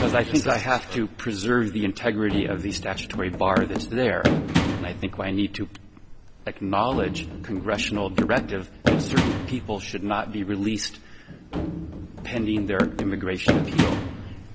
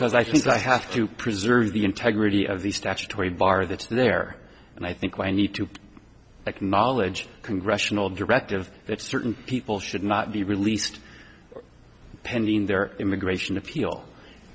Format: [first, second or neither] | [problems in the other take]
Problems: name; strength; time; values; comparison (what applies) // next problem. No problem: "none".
second | background sound (Run); 2 dB below the speech